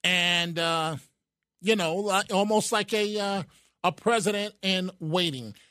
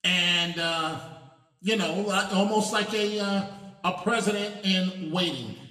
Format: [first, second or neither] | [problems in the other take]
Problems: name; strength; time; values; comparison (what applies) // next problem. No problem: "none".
first | room echo; slight; dies away in 1 s // off-mic speech; somewhat distant